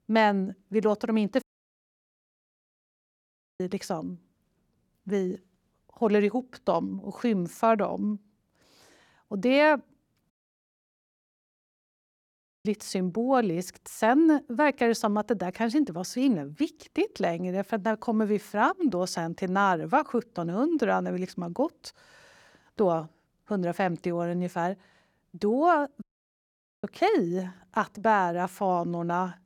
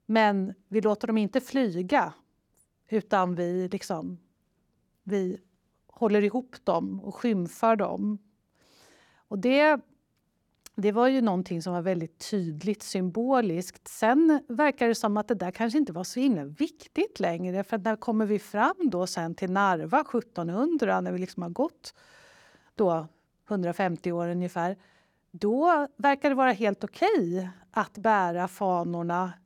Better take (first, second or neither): second